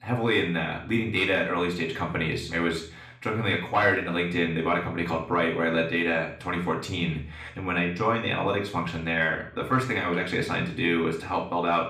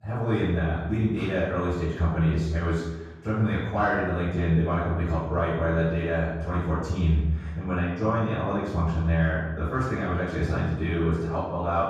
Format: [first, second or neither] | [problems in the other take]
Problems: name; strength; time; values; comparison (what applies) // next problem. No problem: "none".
first | room echo; strong; dies away in 1.3 s; slight in the first // off-mic speech; far; far in the first